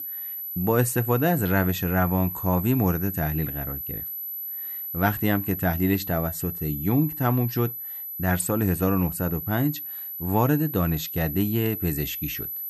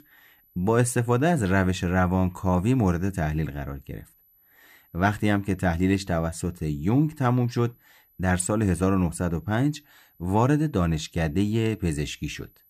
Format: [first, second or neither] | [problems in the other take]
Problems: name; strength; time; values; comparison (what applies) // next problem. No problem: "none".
second | high-pitched whine; loud; throughout; 12 kHz, 6 dB below the speech; faint in the second